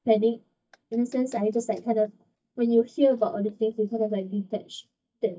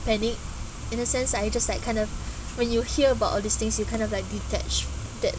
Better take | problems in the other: second | noise reduction (neural mask model DeepFilterNet 3)

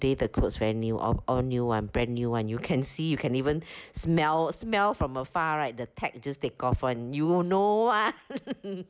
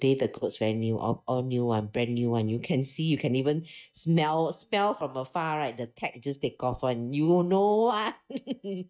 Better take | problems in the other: first | noise reduction (neural mask model DeepFilterNet 3)

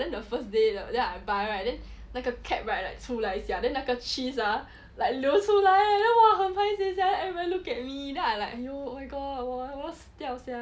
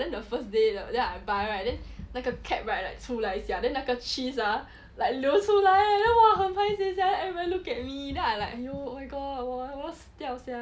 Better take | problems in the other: first | background sound (Run); 19 dB below the speech

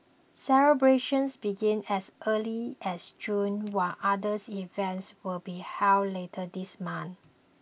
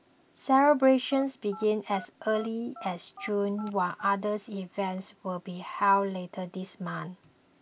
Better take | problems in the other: first | background sound (Telephone); 19 dB below the speech

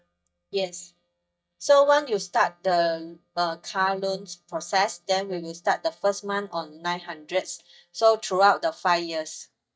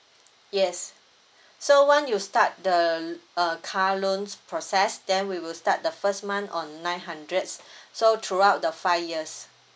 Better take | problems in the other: second | noise reduction (neural mask model DeepFilterNet 3)

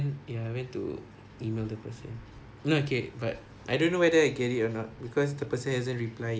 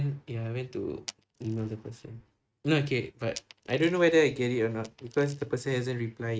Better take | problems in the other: first | noise reduction (neural mask model RNNoise)

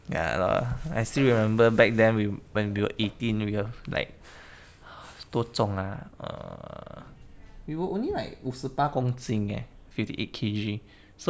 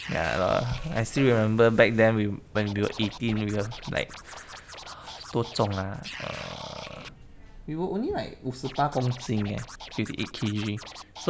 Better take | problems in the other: first | background sound (Scratching (performance technique)); 17 dB below the speech

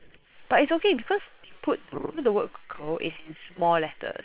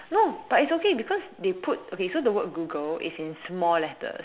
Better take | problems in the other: second | noise reduction (neural separator model SepFormer WHAM!)

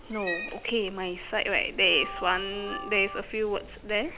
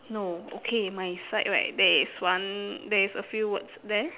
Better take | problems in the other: second | background sound (Organ + Cat); 11 dB below the speech

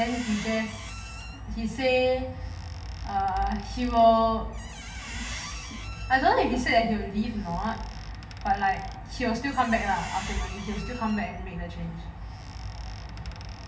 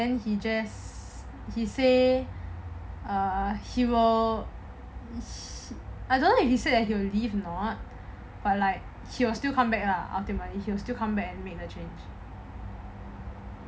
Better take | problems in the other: second | background sound (Squeak); 17 dB below the speech // room echo; dies away in 0.8 s

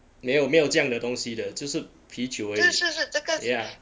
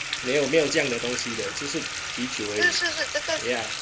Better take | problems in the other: first | background sound (Bathtub (filling or washing) / Water tap, faucet); 5 dB below the speech

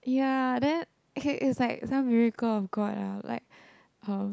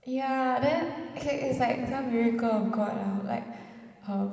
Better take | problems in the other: first | room echo; dies away in 2.3 s

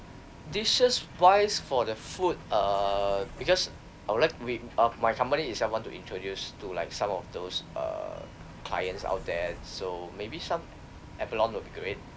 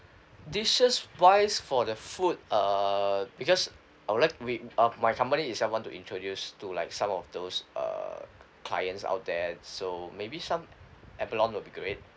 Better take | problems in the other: second | background sound (Bus); 16 dB below the speech

